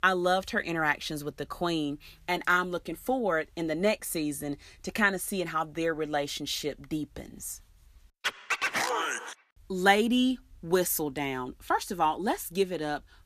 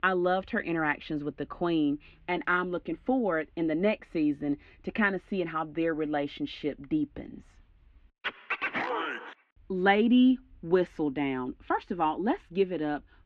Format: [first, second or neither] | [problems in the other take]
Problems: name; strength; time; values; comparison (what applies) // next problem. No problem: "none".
first | muffled; very; fading above 3 kHz